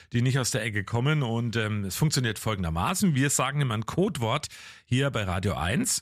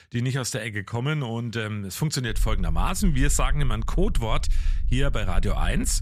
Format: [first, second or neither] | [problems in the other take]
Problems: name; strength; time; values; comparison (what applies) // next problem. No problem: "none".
first | low rumble; faint; from 2.5 s on; 25 dB below the speech